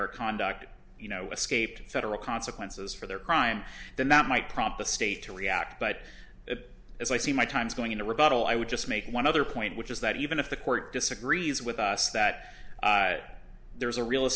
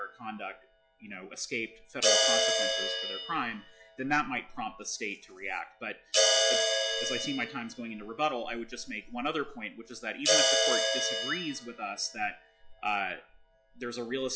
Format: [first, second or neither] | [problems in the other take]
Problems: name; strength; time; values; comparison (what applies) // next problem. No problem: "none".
first | noise reduction (classical method log-MMSE)